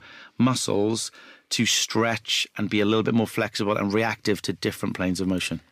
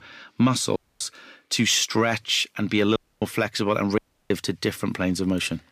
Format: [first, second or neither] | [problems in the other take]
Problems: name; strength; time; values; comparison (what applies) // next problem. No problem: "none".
first | audio cutting out; at 1 s, at 3 s and at 4 s